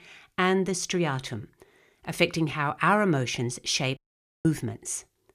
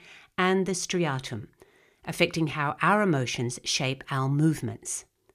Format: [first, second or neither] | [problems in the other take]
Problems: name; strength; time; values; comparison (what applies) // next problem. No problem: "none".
second | audio cutting out; at 4 s